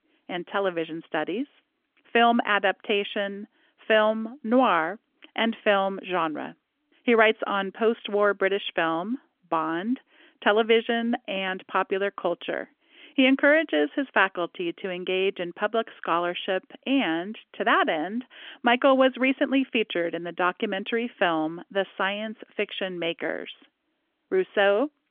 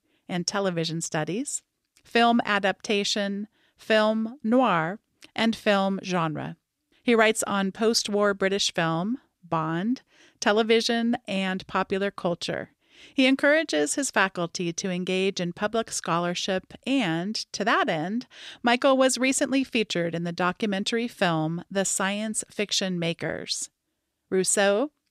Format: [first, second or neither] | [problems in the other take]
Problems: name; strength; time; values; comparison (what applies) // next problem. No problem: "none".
second | phone-call audio; nothing above 3.5 kHz